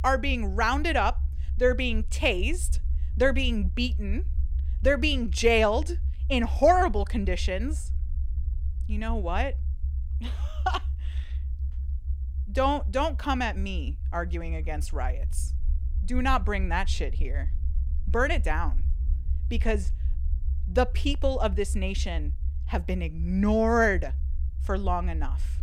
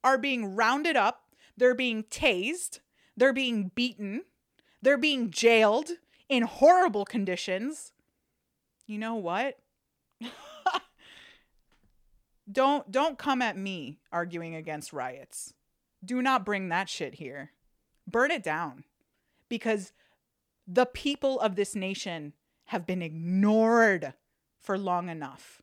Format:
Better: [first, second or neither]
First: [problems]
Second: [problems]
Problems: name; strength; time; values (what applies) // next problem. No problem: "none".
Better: second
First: low rumble; faint; throughout; 25 dB below the speech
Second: none